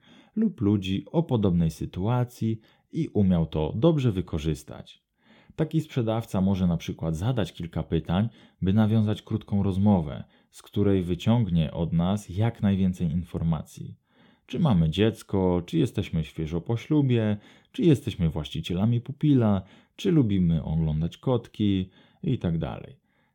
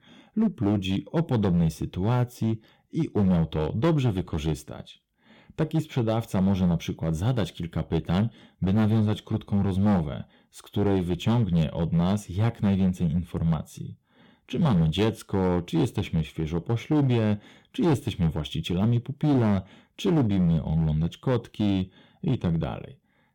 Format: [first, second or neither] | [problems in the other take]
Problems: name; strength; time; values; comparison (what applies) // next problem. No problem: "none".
first | distortion; slight; 8% of the sound clipped